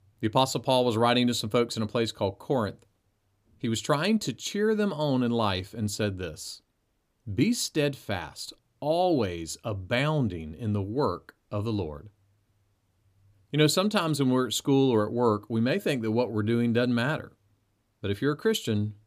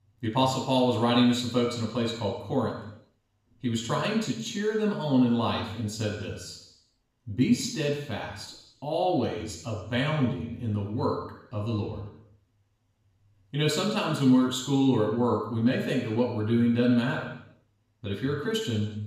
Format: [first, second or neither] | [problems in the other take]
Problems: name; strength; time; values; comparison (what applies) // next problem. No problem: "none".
first | room echo; noticeable; dies away in 0.8 s // off-mic speech; far